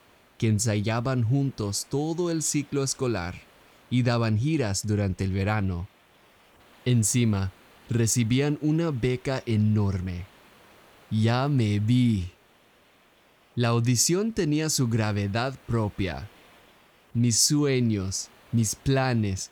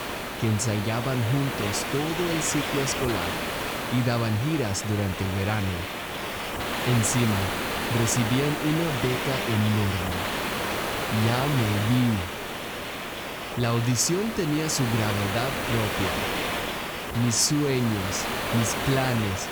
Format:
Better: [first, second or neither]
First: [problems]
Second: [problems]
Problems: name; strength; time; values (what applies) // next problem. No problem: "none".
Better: first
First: hiss; faint; throughout; 30 dB below the speech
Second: hiss; loud; throughout; 3 dB below the speech